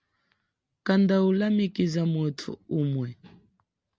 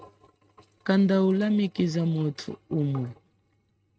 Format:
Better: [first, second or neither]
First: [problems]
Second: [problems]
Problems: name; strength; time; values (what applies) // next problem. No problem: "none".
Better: first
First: none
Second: noise reduction (neural mask model RNNoise)